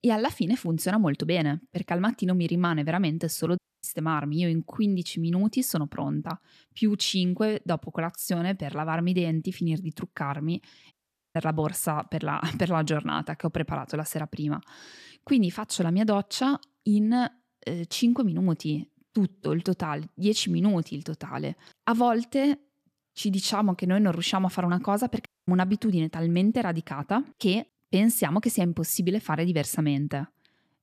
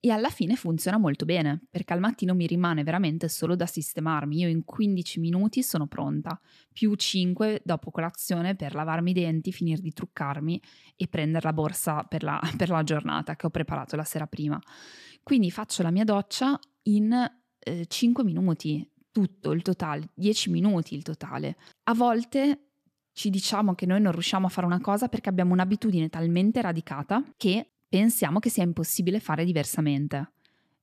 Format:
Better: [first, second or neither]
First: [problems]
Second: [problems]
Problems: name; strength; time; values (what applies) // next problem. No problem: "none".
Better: second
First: audio cutting out; at 3.5 s, at 11 s and at 25 s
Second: none